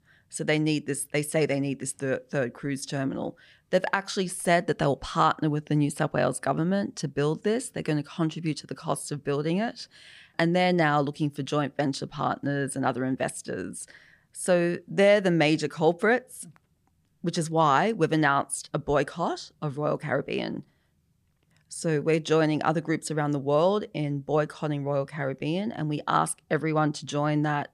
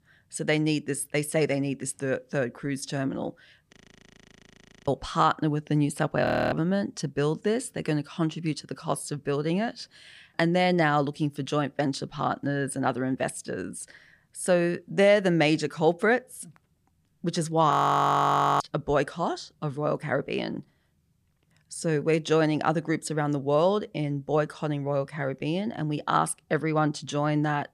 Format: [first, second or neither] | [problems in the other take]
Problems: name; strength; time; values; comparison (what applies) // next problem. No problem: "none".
first | audio freezing; at 3.5 s for 1 s, at 6.5 s and at 18 s for 1 s